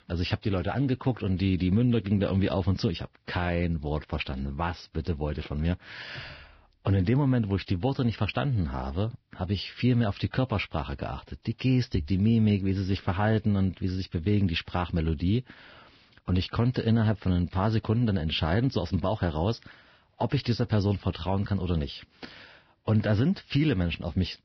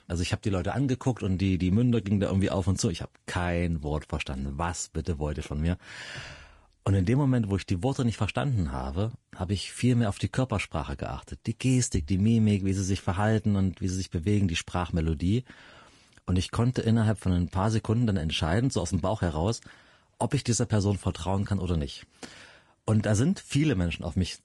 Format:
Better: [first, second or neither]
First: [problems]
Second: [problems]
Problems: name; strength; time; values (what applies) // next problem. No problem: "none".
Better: second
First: garbled, watery; badly; nothing above 5.5 kHz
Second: garbled, watery; slightly; nothing above 10.5 kHz